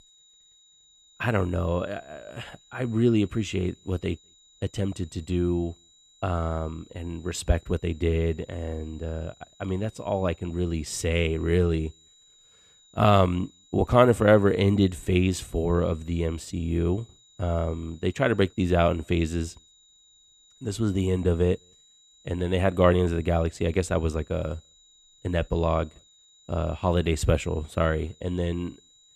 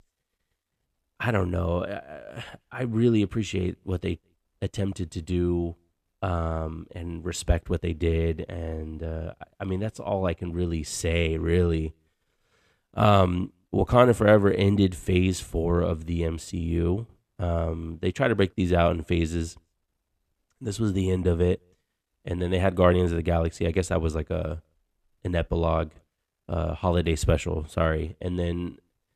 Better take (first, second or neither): second